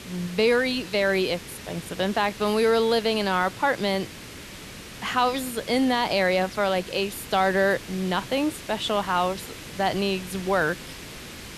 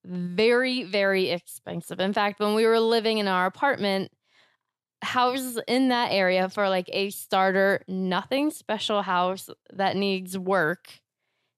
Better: second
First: hiss; noticeable; throughout; 15 dB below the speech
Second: none

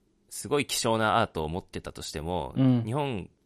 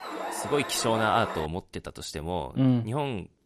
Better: first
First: none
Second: alarm; noticeable; until 1.5 s; peak 6 dB below the speech

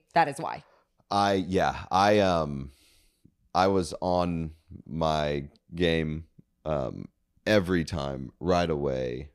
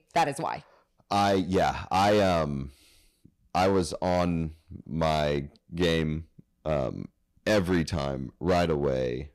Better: first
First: none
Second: distortion; slight; 6% of the sound clipped

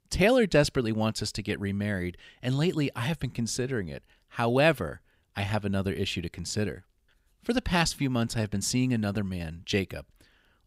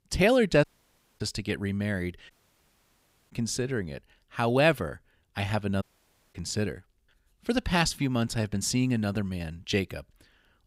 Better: first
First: none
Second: audio cutting out; at 0.5 s for 0.5 s, at 2.5 s for 1 s and at 6 s for 0.5 s

